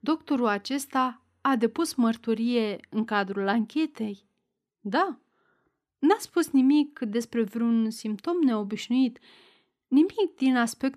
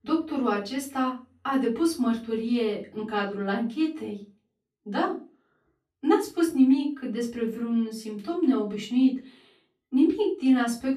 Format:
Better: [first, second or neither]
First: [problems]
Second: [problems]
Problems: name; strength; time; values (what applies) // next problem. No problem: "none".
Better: first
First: none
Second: room echo; slight; dies away in 0.3 s // off-mic speech; far